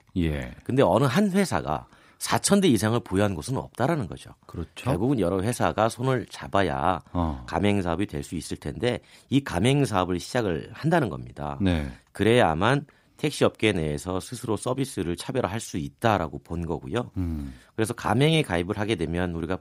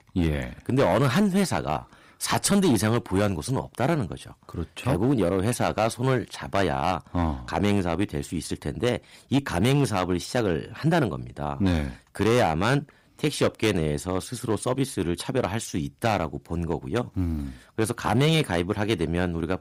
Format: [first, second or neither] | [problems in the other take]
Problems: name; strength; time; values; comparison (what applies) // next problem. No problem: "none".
first | distortion; slight; 5% of the sound clipped